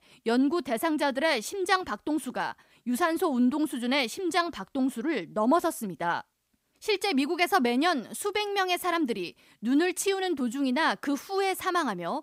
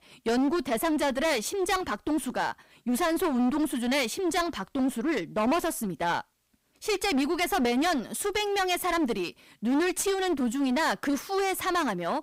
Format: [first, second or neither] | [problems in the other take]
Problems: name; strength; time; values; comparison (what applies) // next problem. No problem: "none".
first | distortion; heavy; 19% of the sound clipped